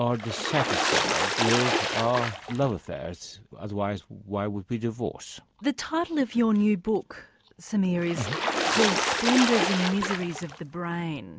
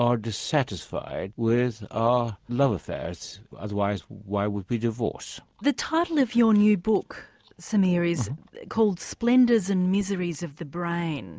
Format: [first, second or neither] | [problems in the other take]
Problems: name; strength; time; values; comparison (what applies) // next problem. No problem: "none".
second | background sound (Water / Splash, splatter); as loud as the speech